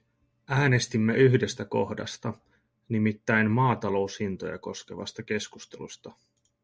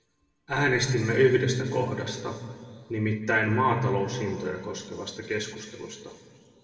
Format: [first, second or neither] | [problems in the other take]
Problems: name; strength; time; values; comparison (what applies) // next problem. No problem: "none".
first | room echo; dies away in 2 s